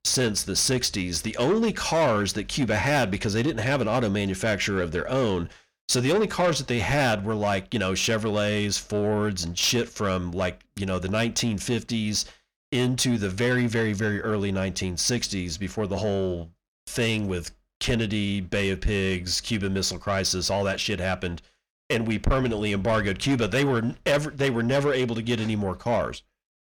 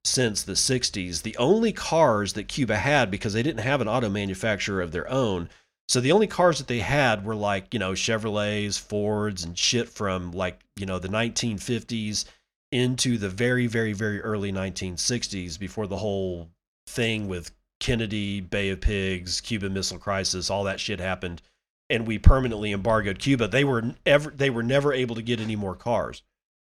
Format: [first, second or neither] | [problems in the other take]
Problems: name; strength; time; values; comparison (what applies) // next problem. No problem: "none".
second | distortion; heavy; 8 dB below the speech